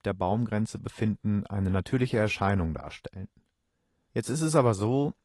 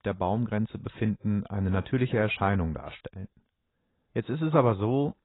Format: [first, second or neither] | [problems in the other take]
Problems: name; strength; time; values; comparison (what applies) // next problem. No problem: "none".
first | garbled, watery; badly; nothing above 4 kHz; slightly in the first